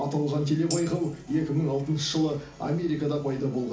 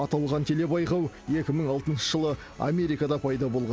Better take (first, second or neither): second